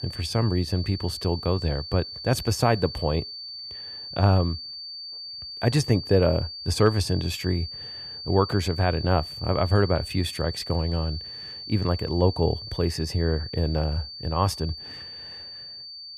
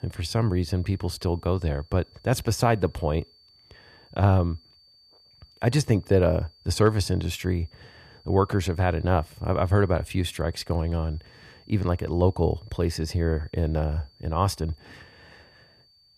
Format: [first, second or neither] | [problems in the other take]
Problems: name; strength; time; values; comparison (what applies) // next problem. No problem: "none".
second | high-pitched whine; loud; throughout; 4.5 kHz, 10 dB below the speech; faint in the second